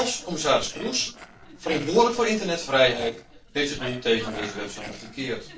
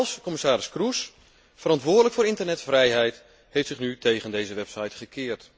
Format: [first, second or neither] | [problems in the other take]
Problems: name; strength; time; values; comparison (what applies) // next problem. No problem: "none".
second | noise reduction (neural separator model SepFormer DNS4)